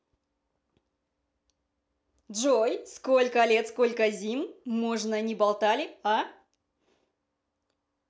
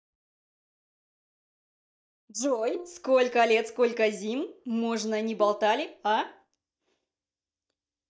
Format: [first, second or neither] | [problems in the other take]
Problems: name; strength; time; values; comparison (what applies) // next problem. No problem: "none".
first | noise reduction (neural mask model DeepFilterNet 3)